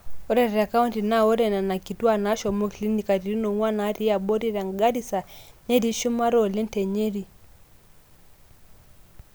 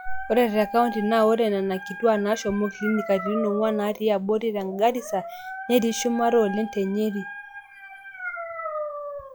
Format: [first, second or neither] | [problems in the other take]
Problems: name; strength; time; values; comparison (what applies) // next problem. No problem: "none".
first | noise reduction (classical method log-MMSE)